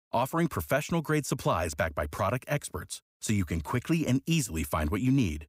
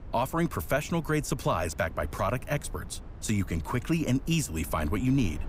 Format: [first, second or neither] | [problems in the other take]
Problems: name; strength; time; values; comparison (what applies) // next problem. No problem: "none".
first | wind noise on the microphone; occasional gusts; 20 dB below the speech